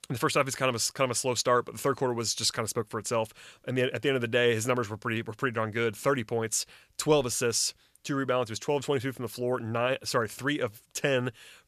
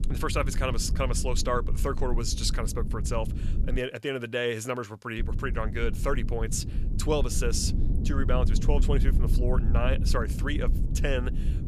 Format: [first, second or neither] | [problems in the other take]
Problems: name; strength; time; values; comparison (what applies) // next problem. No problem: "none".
first | low rumble; noticeable; until 4 s and from 5 s on; 10 dB below the speech